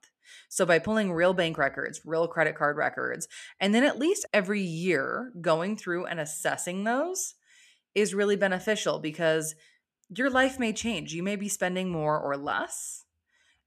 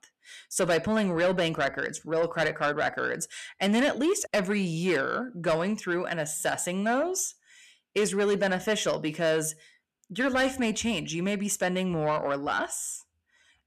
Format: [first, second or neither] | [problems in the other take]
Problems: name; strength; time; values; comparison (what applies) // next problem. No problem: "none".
first | distortion; slight; 10 dB below the speech